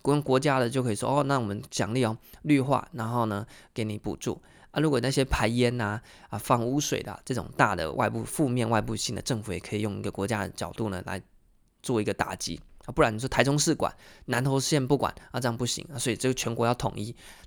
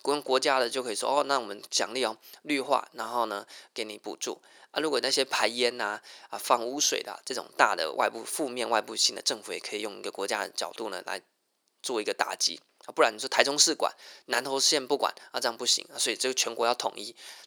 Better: first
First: none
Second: thin; somewhat; fading below 400 Hz

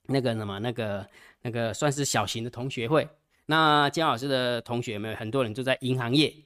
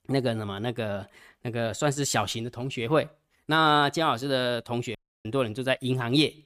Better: first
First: none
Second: audio cutting out; at 5 s

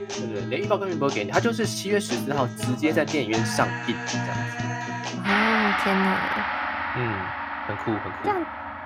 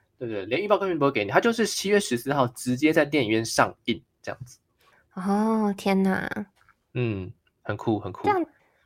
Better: second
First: background music; loud; throughout; 1 dB below the speech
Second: none

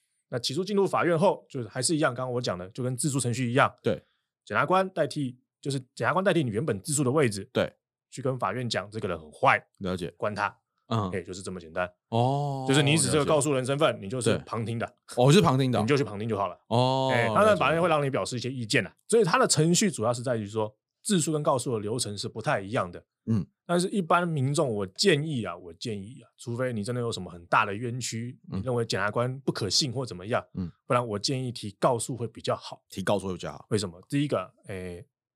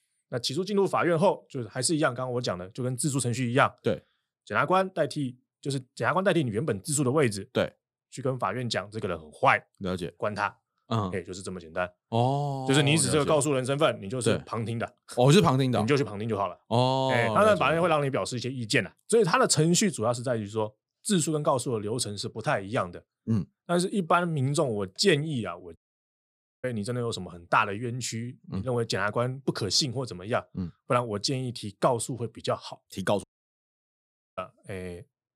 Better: first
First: none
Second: audio cutting out; at 26 s for 1 s and at 33 s for 1 s

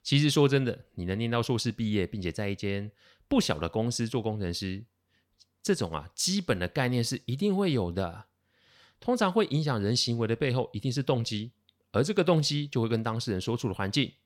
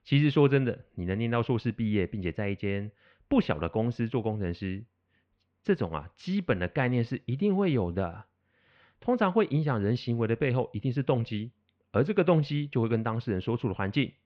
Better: first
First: none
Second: muffled; very; fading above 2.5 kHz

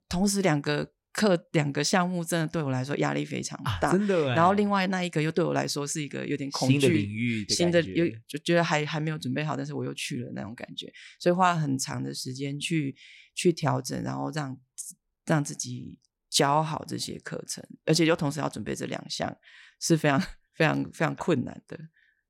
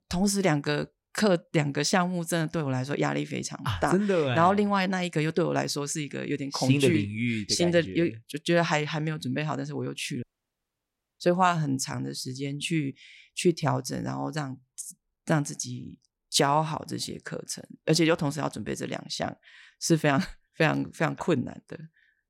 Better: first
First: none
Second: audio cutting out; at 10 s for 1 s

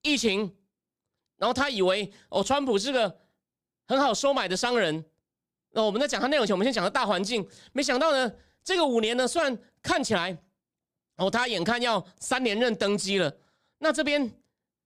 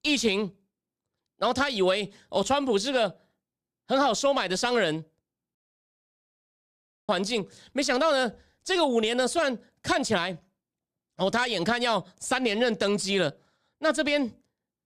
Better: first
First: none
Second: audio cutting out; at 5.5 s for 1.5 s

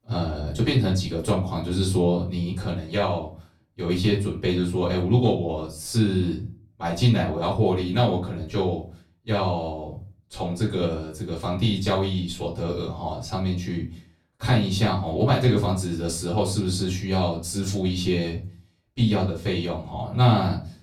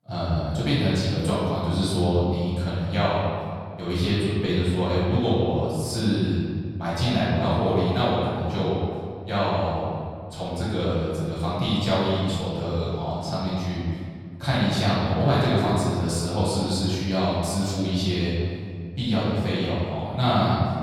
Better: first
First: room echo; slight; dies away in 0.3 s // off-mic speech; far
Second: room echo; strong; dies away in 1.9 s // off-mic speech; far

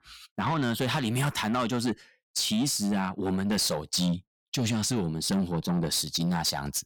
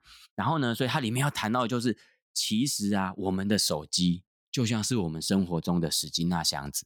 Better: second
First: distortion; slight; 10 dB below the speech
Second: none

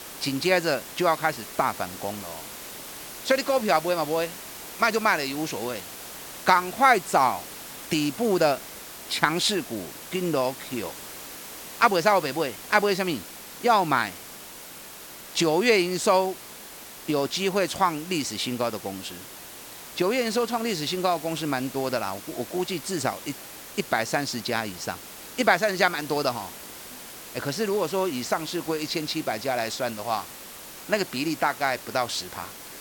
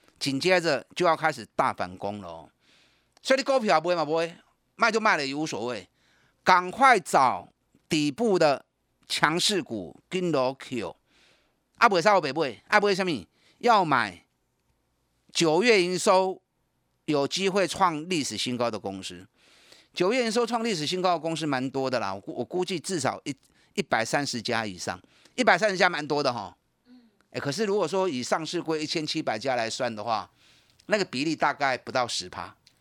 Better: second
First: hiss; noticeable; throughout; 15 dB below the speech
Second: none

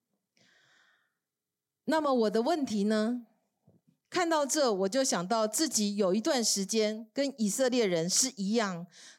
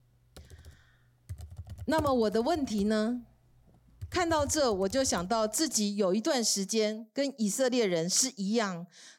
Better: first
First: none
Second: keyboard typing; faint; until 5 s; peak 10 dB below the speech

